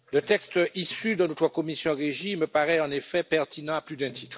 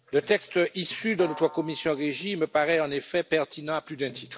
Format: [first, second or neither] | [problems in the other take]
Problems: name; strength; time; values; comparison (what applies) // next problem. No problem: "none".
first | background sound (Snare drum); 18 dB below the speech